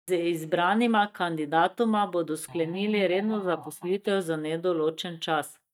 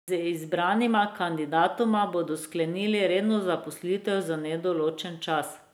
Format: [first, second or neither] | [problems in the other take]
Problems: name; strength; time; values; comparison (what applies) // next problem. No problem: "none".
second | noise reduction (neural mask model DeepFilterNet 3)